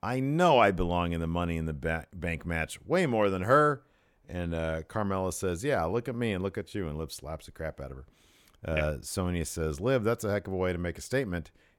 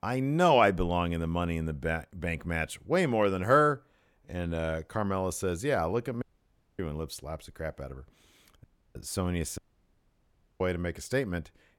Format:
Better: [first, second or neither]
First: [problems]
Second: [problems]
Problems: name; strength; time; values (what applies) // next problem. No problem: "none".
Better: first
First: none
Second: audio cutting out; at 6 s for 0.5 s, at 8.5 s and at 9.5 s for 1 s